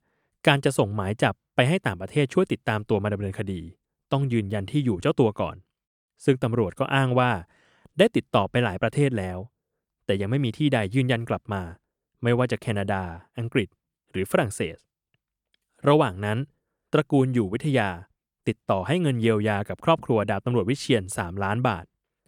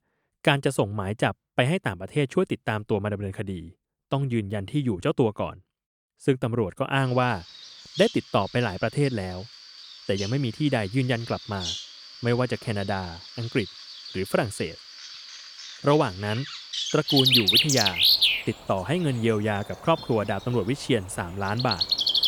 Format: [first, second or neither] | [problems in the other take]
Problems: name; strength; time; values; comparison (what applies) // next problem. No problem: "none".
first | animal sounds; very loud; from 7 s on; 4 dB above the speech